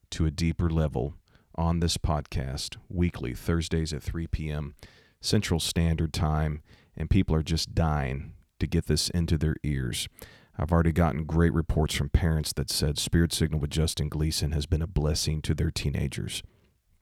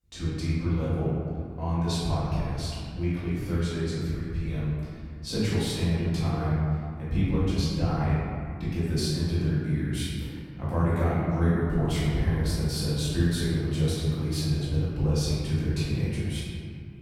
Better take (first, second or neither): first